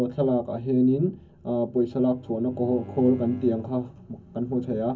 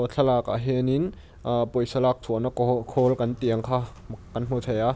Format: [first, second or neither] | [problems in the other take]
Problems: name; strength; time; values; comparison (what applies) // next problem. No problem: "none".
second | background sound (Bowed string instrument); 18 dB below the speech // room echo; dies away in 0.3 s